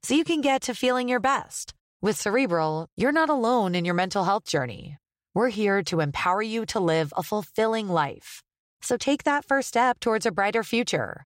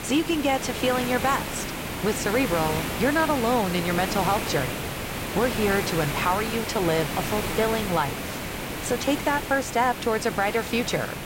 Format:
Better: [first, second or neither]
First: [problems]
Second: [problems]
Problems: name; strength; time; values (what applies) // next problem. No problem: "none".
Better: first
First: none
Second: hiss; loud; throughout; 4 dB below the speech